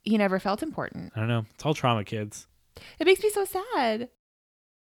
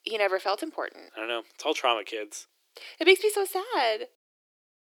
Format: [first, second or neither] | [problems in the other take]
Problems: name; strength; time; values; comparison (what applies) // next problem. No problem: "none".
first | thin; very; fading below 350 Hz